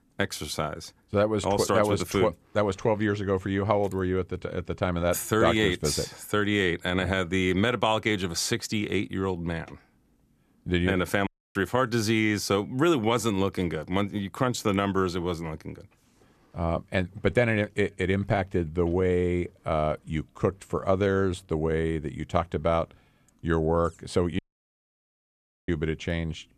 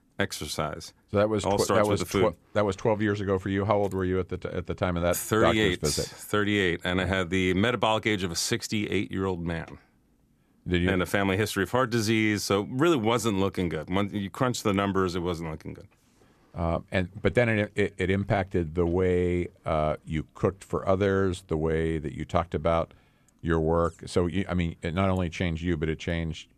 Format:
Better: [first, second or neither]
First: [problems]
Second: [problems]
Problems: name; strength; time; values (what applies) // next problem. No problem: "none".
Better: second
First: audio cutting out; at 11 s and at 24 s for 1.5 s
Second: none